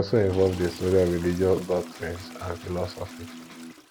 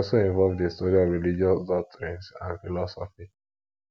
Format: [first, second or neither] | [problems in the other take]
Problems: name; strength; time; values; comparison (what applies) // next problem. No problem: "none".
second | background sound (Electric guitar + Toilet flush / Water); 15 dB below the speech